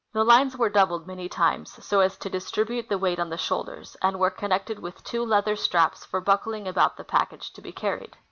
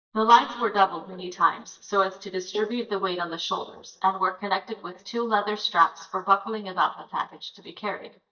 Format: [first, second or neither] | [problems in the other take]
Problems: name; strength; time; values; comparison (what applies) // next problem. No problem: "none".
first | noise reduction (neural mask model DeepFilterNet 3)